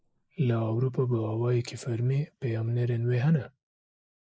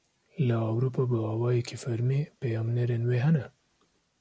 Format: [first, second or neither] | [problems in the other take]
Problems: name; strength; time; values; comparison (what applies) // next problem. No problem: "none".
second | noise reduction (neural mask model Resemble Enhance denoiser)